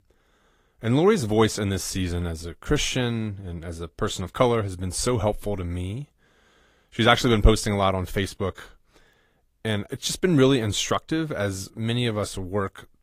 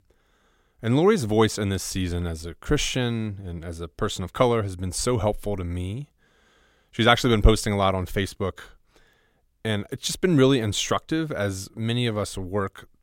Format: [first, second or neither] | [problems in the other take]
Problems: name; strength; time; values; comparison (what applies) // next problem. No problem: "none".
second | garbled, watery; slightly; nothing above 15 kHz